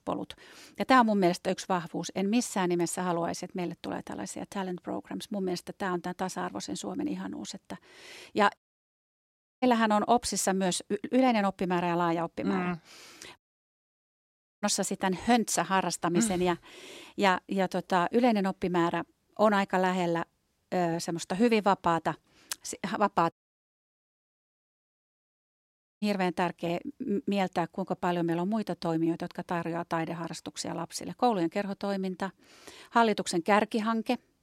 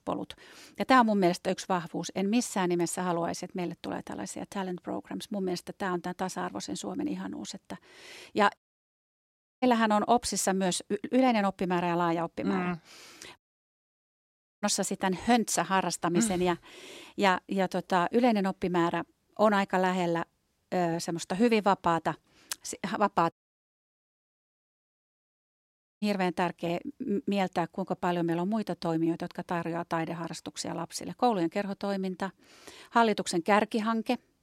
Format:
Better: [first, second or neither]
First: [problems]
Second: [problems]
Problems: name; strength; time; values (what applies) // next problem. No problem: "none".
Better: neither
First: audio cutting out; at 8.5 s for 1 s, at 13 s for 1 s and at 23 s for 2.5 s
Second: audio cutting out; at 8.5 s for 1 s, at 13 s for 1 s and at 23 s for 2.5 s